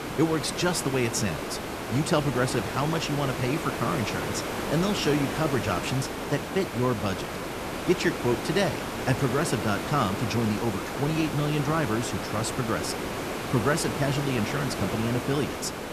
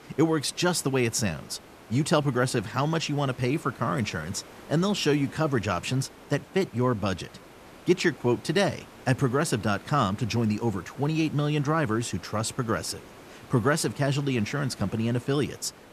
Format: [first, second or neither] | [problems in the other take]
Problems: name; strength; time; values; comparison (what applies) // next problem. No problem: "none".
second | hiss; loud; throughout; 4 dB below the speech; faint in the second